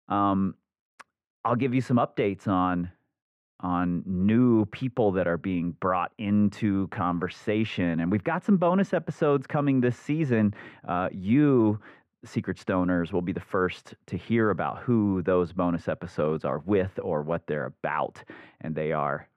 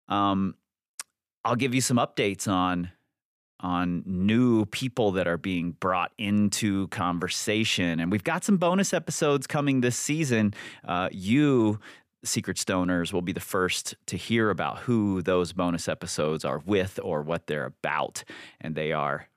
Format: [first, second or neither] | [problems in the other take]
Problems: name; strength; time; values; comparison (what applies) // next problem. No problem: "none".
second | muffled; very; fading above 3.5 kHz